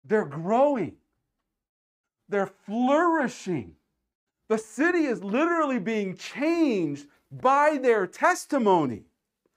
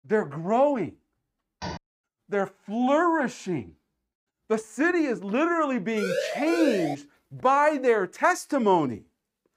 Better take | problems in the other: first | door banging; faint; at 1.5 s; peak 10 dB below the speech // siren; noticeable; at 6 s; peak 3 dB below the speech

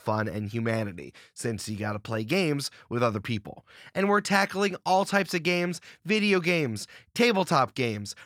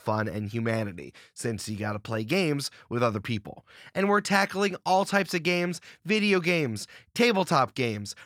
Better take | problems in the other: neither | none

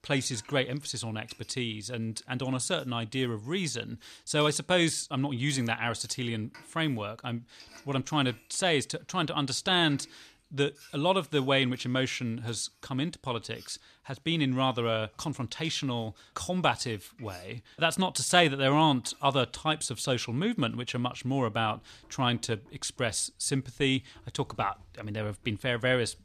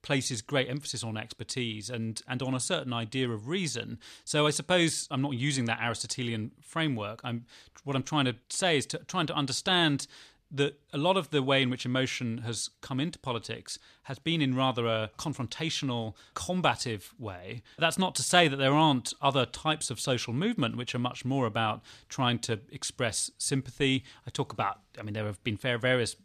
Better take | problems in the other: second | household noises; faint; throughout; 30 dB below the speech

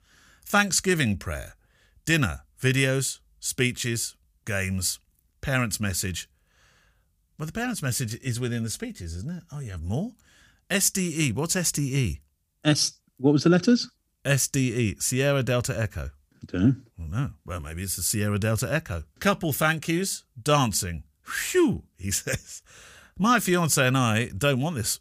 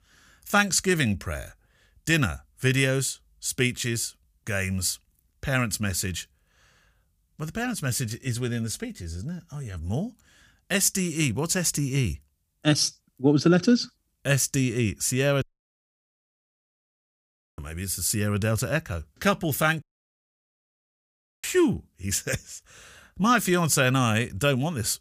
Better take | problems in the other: first | audio cutting out; at 15 s for 2 s and at 20 s for 1.5 s

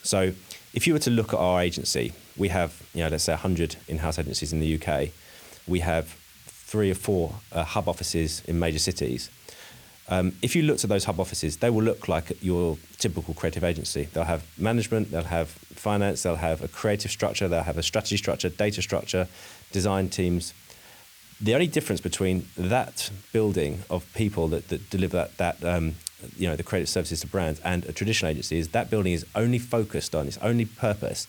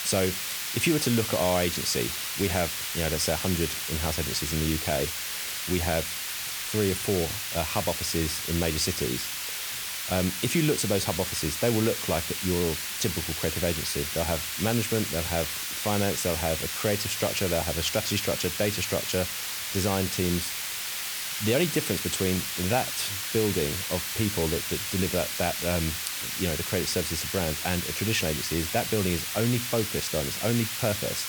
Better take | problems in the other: first | hiss; loud; throughout; 1 dB below the speech; faint in the first

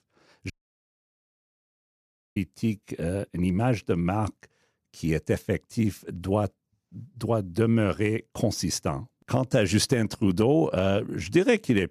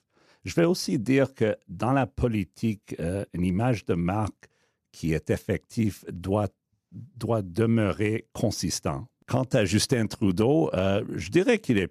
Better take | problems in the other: second | audio cutting out; at 0.5 s for 2 s

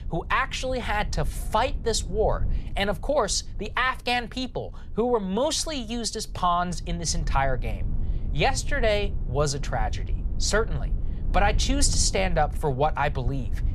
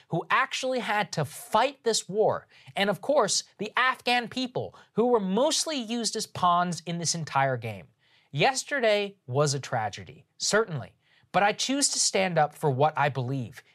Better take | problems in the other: second | low rumble; faint; throughout; 25 dB below the speech

